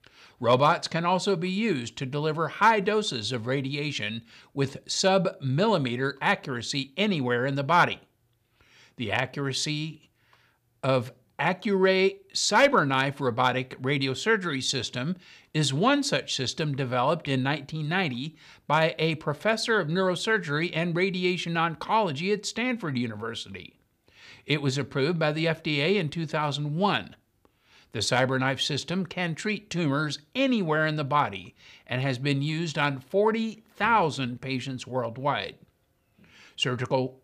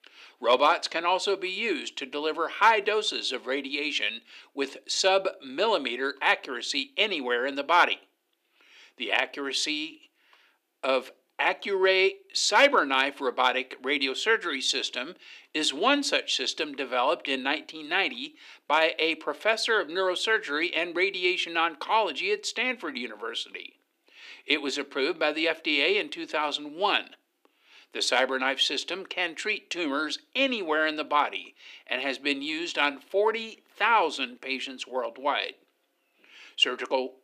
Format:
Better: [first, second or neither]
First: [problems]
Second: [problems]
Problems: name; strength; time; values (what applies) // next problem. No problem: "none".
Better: first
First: none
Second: thin; somewhat; fading below 300 Hz